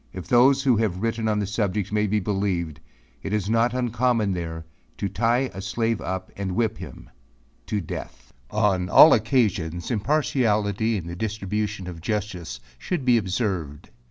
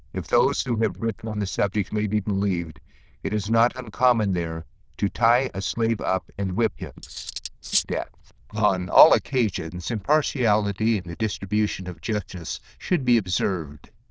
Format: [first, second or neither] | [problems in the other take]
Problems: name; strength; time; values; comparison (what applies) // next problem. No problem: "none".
first | noise reduction (neural diffusion model UNIVERSE++)